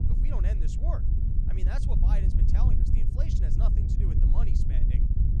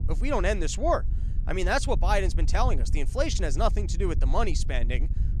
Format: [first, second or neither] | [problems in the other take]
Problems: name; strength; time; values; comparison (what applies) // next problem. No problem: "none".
second | wind noise on the microphone; heavy; 1 dB above the speech; occasional gusts in the second